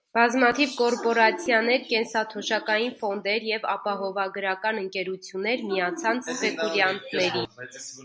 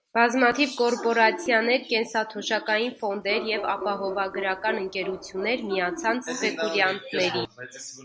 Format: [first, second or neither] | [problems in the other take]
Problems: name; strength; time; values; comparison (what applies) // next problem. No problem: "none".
first | background sound (Bark); 11 dB below the speech